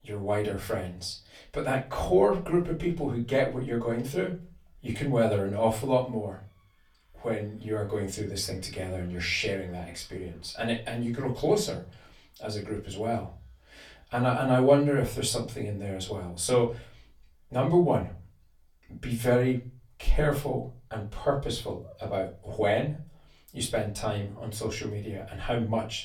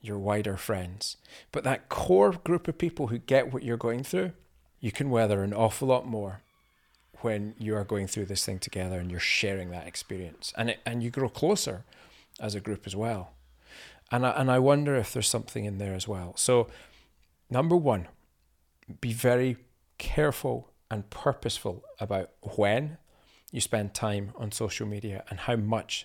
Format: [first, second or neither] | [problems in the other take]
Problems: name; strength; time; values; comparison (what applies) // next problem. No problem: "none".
second | off-mic speech; far // room echo; very slight; dies away in 0.3 s